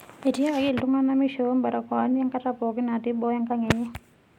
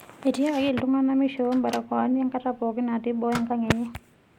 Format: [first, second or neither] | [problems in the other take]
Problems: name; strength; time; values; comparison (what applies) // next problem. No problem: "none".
first | background sound (Microwave oven); 19 dB below the speech